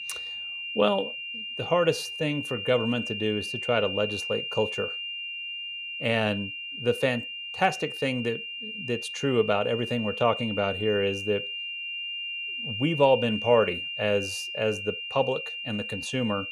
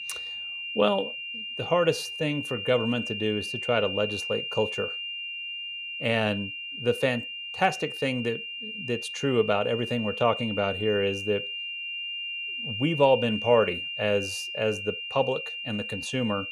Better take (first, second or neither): neither